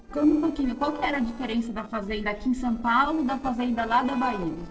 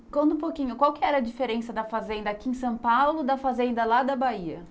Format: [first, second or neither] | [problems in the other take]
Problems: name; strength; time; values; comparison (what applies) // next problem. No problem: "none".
second | noise reduction (neural separator model SepFormer DNS4)